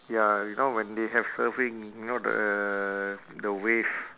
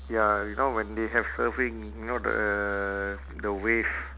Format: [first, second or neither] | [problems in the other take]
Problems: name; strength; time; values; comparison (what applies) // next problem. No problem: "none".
first | background sound (Musical instrument); 13 dB below the speech